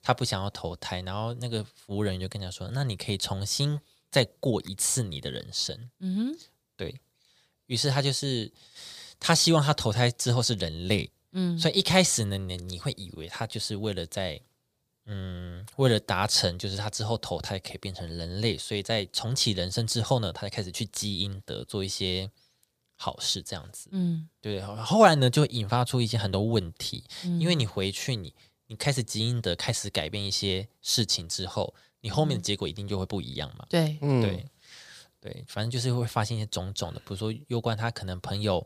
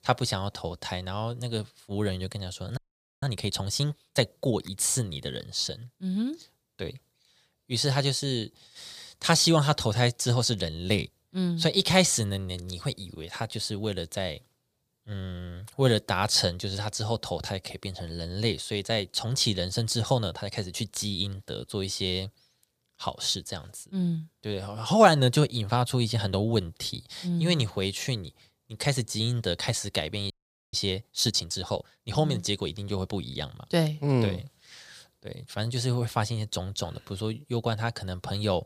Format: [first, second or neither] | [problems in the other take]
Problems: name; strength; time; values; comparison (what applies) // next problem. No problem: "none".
first | audio freezing; at 3 s and at 30 s